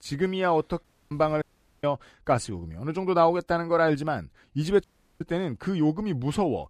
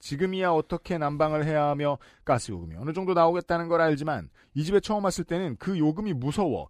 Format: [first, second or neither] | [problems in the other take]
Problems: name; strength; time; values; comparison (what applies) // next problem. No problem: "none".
second | audio cutting out; at 1 s, at 1.5 s and at 5 s